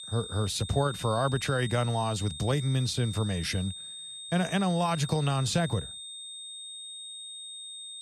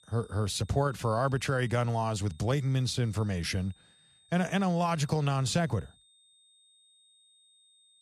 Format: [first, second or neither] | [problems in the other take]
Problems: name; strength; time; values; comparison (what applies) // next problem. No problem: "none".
second | high-pitched whine; loud; throughout; 3.5 kHz, 10 dB below the speech; faint in the second